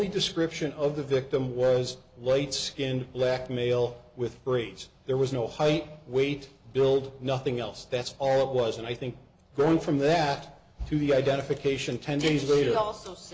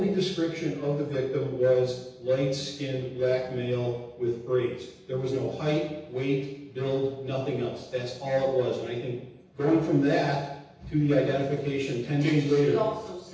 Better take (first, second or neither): first